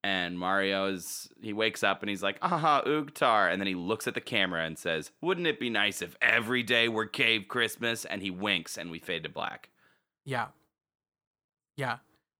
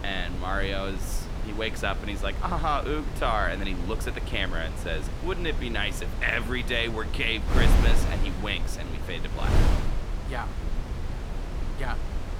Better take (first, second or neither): first